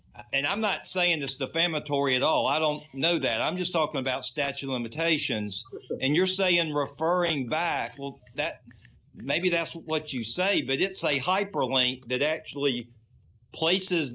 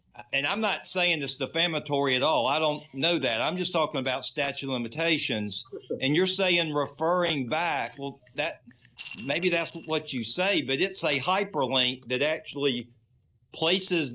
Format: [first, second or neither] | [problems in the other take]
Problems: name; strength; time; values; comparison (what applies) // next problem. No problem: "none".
first | noise reduction (neural separator model SepFormer DNS4)